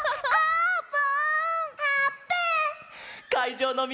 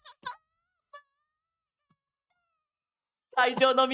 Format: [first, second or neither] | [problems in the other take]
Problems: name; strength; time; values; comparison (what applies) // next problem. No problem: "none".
first | noise reduction (neural mask model RNNoise)